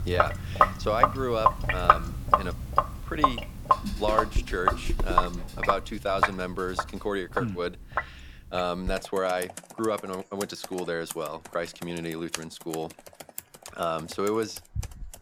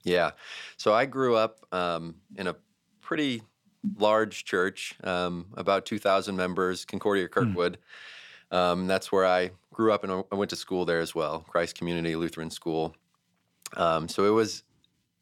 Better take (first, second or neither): second